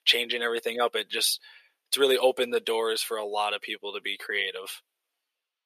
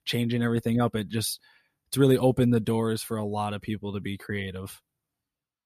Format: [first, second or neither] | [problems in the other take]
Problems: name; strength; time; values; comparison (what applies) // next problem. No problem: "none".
second | thin; very; fading below 450 Hz